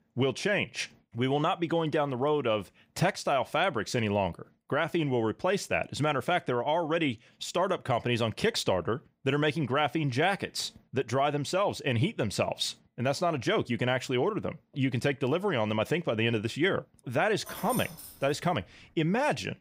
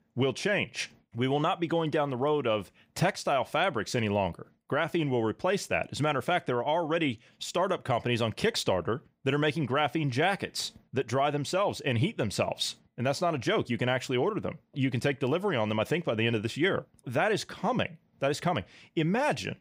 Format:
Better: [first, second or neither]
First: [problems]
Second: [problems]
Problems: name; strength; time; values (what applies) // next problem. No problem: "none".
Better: second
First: jangling keys; noticeable; at 17 s; peak 9 dB below the speech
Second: none